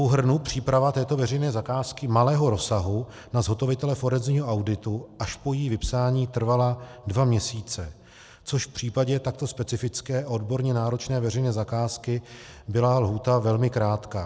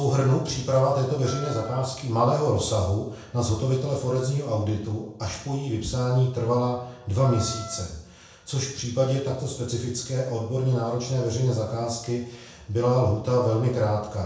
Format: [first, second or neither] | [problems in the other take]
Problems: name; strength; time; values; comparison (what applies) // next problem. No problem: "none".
first | background sound (Wind instrument, woodwind instrument); 15 dB below the speech // room echo; dies away in 0.7 s